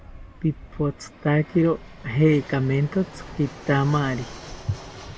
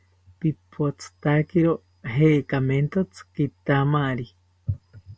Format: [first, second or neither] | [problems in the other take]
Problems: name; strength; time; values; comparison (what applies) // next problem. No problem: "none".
second | background sound (Fixed-wing aircraft, airplane); 16 dB below the speech